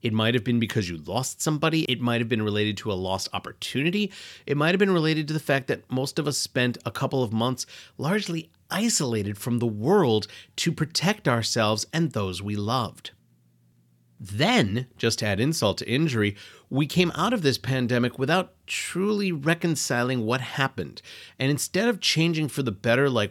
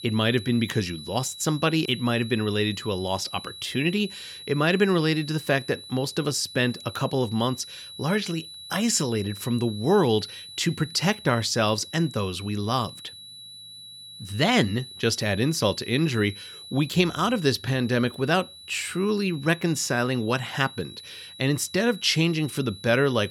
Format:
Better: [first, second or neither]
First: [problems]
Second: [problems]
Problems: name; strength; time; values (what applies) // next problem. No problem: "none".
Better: first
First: none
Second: high-pitched whine; noticeable; throughout; 4 kHz, 15 dB below the speech